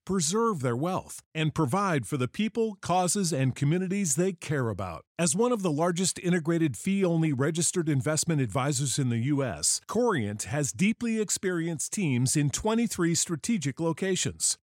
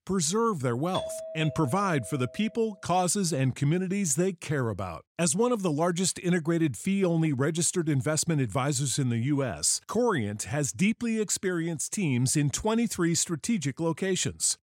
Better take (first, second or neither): first